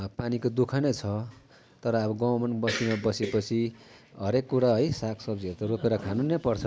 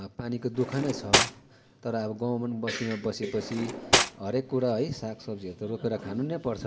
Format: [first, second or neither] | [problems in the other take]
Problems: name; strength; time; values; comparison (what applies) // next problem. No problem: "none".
first | background sound (Cutlery, silverware); 3 dB above the speech // room echo; dies away in 1.1 s